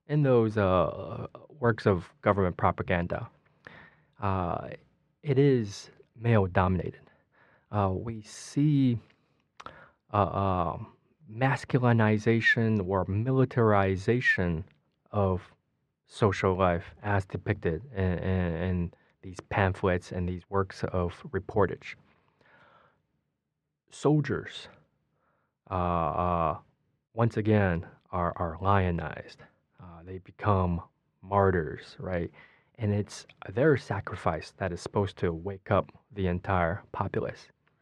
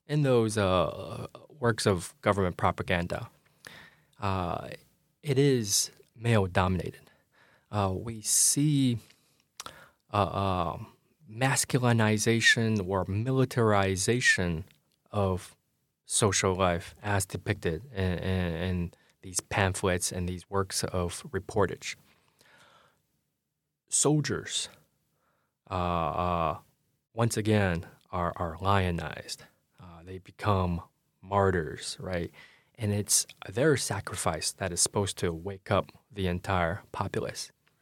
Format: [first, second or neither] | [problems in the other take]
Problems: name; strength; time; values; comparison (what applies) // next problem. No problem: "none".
second | muffled; very; fading above 2 kHz